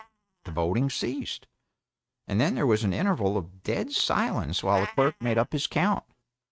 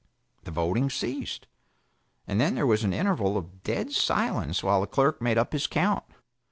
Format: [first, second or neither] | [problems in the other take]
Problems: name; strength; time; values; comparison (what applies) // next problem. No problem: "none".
second | noise reduction (neural mask model RNNoise)